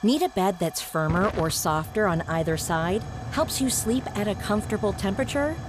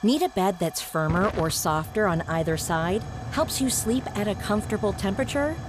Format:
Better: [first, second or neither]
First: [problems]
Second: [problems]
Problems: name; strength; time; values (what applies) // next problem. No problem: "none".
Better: neither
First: hiss; noticeable; throughout; 10 dB below the speech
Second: hiss; noticeable; throughout; 10 dB below the speech